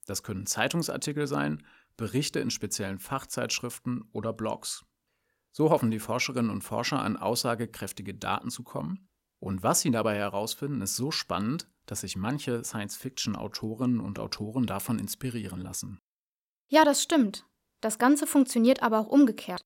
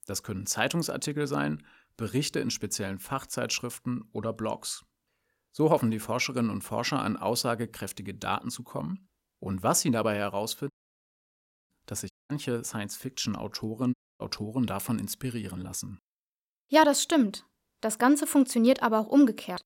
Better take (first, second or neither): first